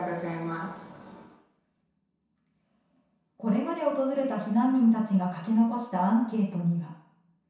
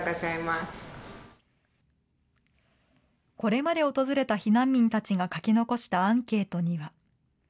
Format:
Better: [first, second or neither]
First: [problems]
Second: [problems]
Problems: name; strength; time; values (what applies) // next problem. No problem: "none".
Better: second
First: room echo; dies away in 0.7 s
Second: none